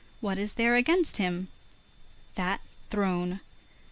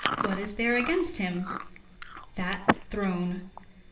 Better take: first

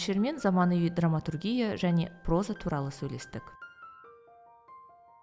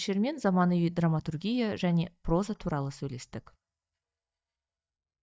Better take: first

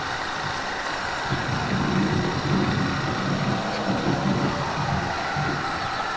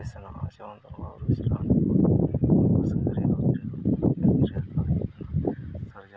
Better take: second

